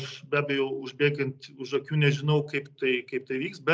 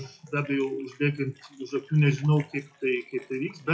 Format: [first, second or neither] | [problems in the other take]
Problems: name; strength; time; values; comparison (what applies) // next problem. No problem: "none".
first | noise reduction (classical method WPE with log-MMSE)